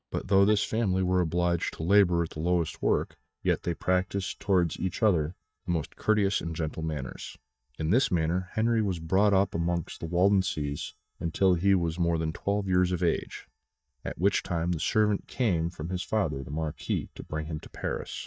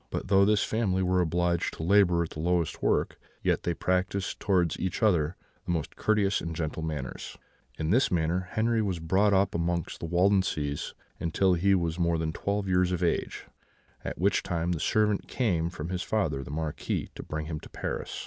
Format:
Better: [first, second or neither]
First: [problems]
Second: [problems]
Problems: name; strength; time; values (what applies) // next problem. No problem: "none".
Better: second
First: noise reduction (neural mask model DeepFilterNet 3)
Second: none